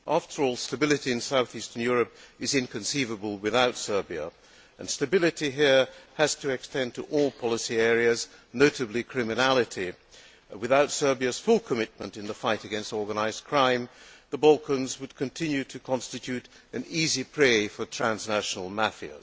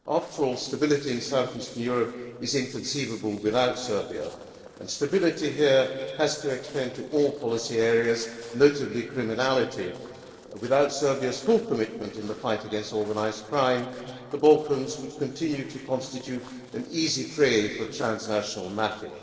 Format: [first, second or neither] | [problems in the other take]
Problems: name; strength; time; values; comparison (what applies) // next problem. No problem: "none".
first | noise reduction (neural separator model SepFormer DNS4)